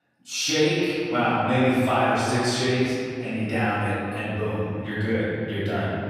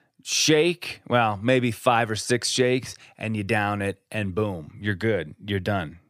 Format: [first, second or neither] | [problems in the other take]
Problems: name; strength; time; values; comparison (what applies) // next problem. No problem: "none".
second | room echo; strong; dies away in 2.4 s // off-mic speech; far